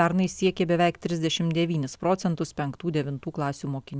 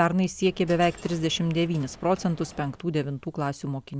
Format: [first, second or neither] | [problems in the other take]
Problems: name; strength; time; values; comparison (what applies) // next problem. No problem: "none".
first | background sound (Coin (dropping)); 20 dB below the speech